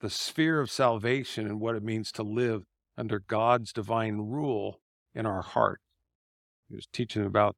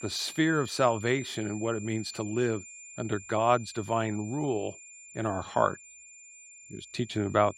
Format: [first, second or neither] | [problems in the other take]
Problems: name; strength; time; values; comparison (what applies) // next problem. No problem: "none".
first | high-pitched whine; noticeable; throughout; 7 kHz, 15 dB below the speech